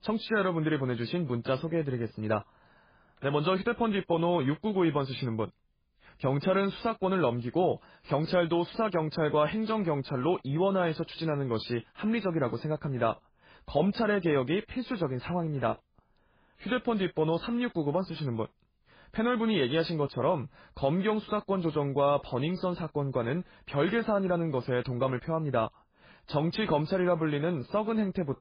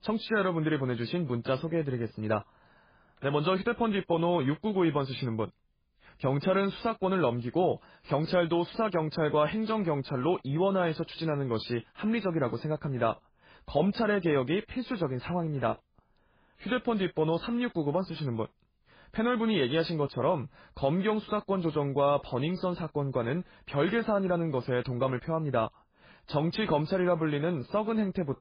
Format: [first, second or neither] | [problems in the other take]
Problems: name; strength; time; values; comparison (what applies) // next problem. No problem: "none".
neither | garbled, watery; badly; the same in both